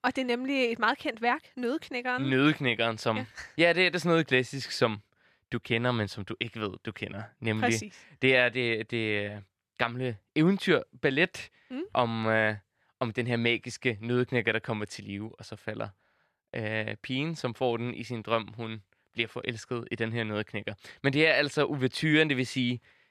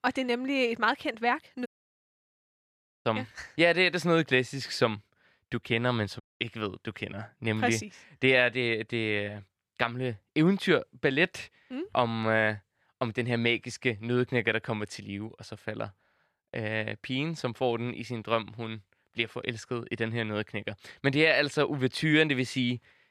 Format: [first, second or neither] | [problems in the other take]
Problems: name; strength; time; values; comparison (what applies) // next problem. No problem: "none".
first | audio cutting out; at 1.5 s for 1.5 s and at 6 s